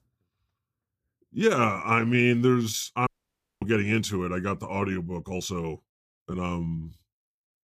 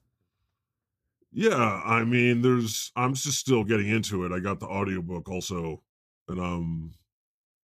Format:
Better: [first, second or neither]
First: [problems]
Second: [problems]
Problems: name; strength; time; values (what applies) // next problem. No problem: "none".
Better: second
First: audio cutting out; at 3 s for 0.5 s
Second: none